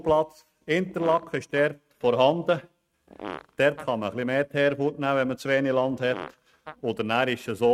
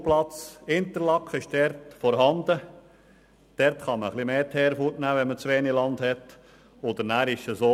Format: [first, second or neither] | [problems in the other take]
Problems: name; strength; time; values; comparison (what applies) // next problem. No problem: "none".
second | noise reduction (neural mask model RNNoise)